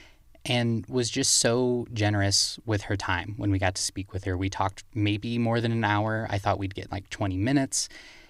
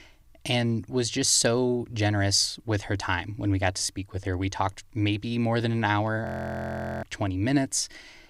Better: first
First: none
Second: audio freezing; at 6.5 s for 1 s

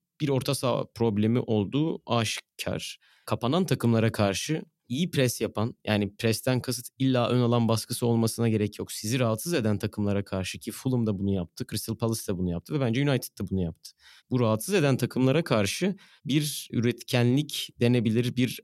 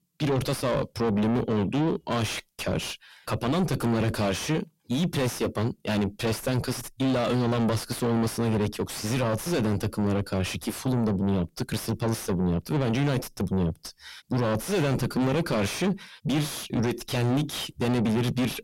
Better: first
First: none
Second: distortion; heavy; 5 dB below the speech

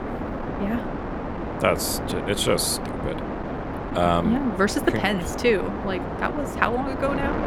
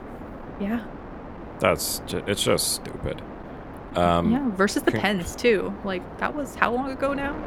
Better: second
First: wind noise on the microphone; heavy; 7 dB below the speech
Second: wind noise on the microphone; occasional gusts; 15 dB below the speech

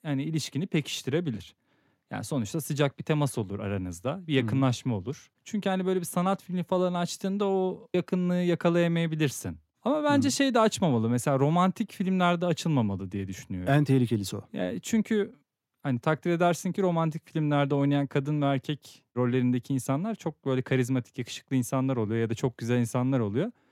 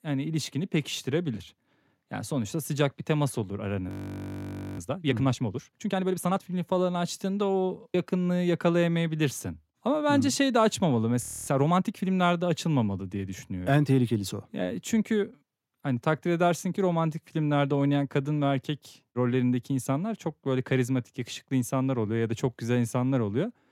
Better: first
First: none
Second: audio freezing; at 4 s for 1 s and at 11 s

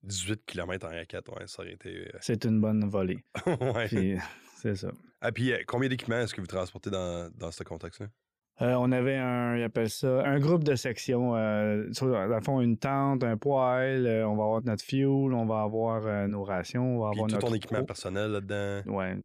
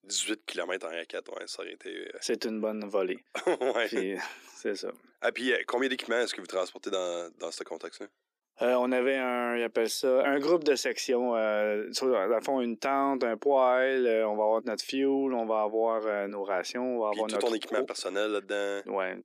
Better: first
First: none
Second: thin; somewhat; fading below 300 Hz

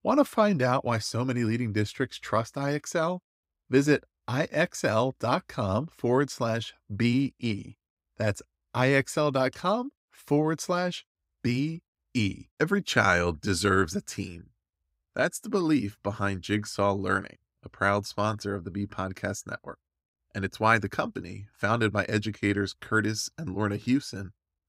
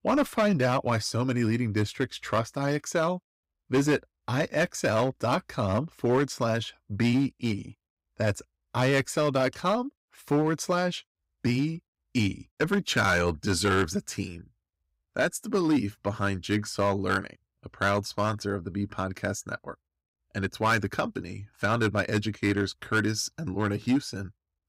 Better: first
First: none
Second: distortion; slight; 4% of the sound clipped

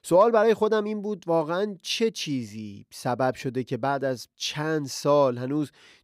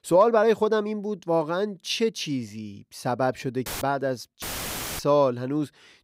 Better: first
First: none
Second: audio cutting out; filled with static; at 3.5 s and at 4.5 s for 0.5 s

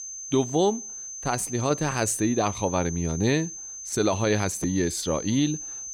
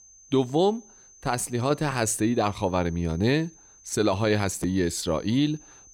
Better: second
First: high-pitched whine; loud; throughout; 6.5 kHz, 9 dB below the speech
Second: high-pitched whine; faint; throughout; 6.5 kHz, 25 dB below the speech

